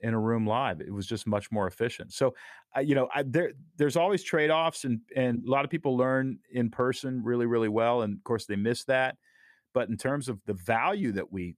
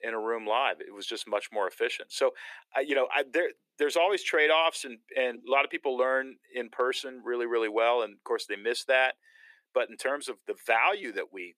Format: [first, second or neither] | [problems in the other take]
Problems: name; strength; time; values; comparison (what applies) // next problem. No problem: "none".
first | thin; very; fading below 350 Hz